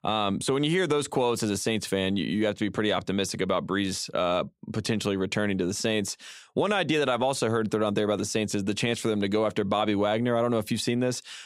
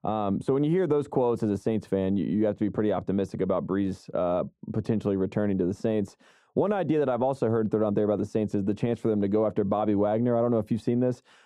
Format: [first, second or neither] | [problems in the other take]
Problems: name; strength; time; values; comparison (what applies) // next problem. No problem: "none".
first | muffled; very; fading above 1.5 kHz